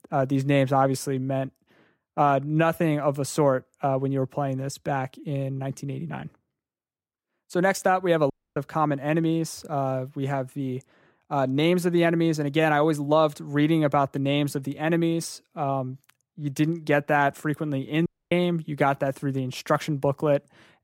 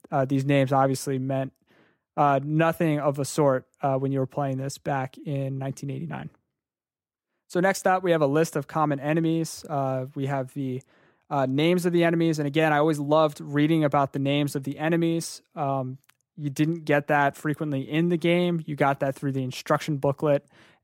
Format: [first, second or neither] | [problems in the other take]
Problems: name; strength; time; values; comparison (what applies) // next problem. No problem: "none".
second | audio cutting out; at 8.5 s and at 18 s